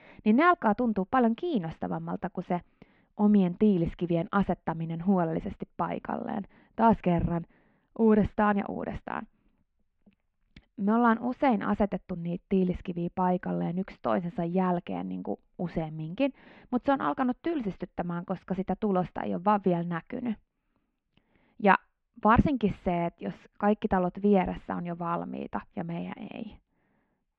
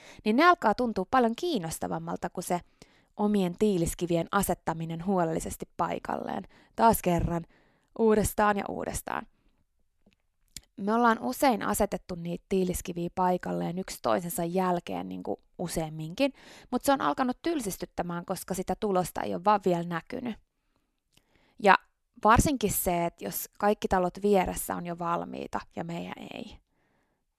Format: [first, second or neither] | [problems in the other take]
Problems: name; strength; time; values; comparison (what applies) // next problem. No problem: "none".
second | muffled; very; fading above 3 kHz